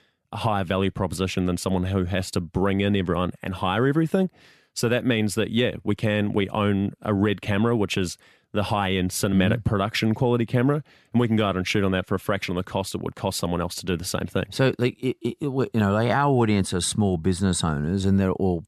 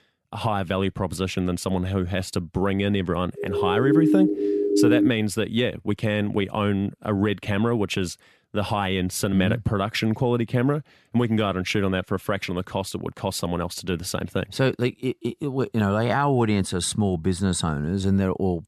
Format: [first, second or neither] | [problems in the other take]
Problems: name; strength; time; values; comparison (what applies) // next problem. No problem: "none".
first | siren; loud; from 3.5 to 5 s; peak 6 dB above the speech